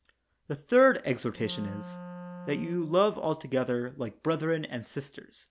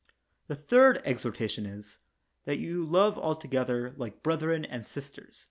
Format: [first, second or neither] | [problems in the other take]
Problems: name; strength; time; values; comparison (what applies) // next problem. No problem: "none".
second | background sound (Wind instrument, woodwind instrument); 14 dB below the speech